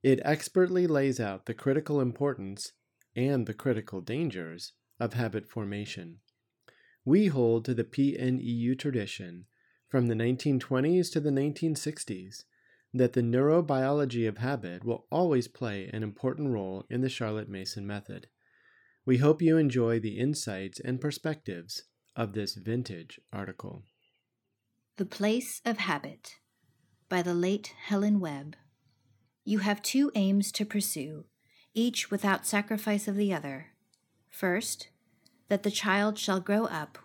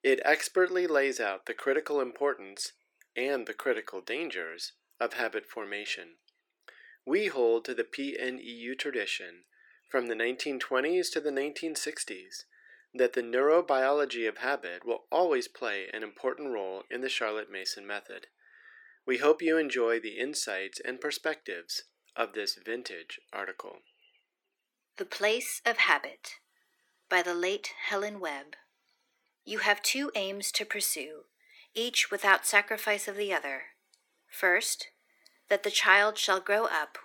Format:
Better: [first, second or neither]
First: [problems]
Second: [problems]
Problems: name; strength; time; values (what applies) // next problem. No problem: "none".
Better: first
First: none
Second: thin; very; fading below 400 Hz